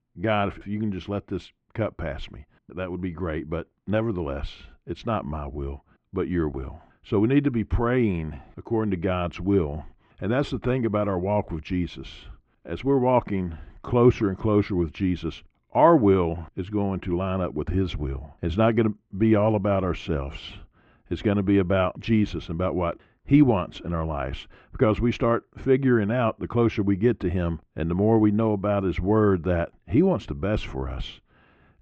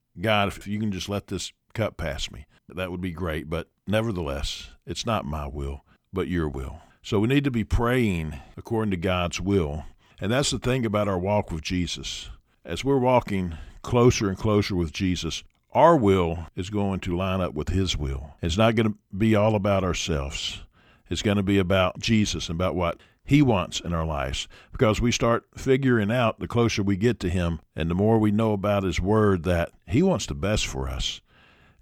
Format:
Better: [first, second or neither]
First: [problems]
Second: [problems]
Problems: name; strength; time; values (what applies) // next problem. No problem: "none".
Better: second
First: muffled; very; fading above 2 kHz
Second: none